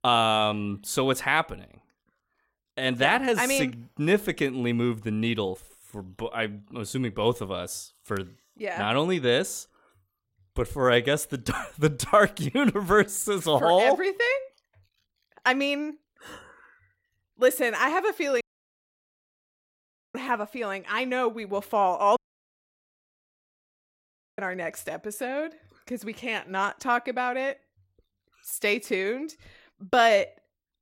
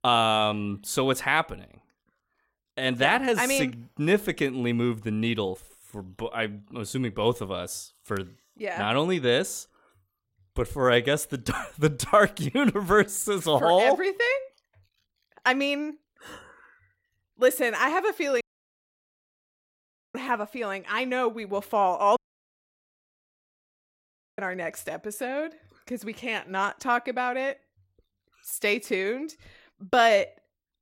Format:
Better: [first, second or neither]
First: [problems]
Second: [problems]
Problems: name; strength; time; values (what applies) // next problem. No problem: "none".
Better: neither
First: audio cutting out; at 18 s for 1.5 s and at 22 s for 2 s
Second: audio cutting out; at 18 s for 1.5 s and at 22 s for 2 s